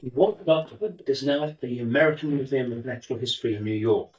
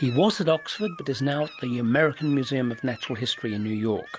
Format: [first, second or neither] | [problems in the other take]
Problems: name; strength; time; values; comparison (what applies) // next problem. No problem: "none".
second | noise reduction (neural mask model DeepFilterNet 3)